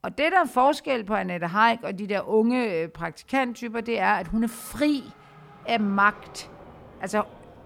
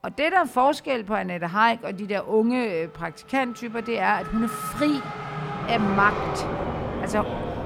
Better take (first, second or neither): first